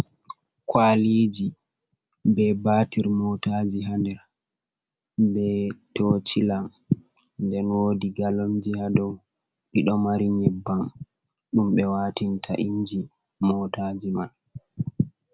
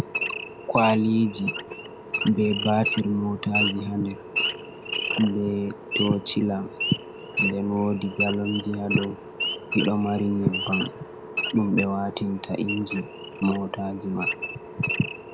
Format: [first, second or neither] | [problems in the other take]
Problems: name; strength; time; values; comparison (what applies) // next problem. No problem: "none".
first | background sound (Idling / Wild animals); 5 dB below the speech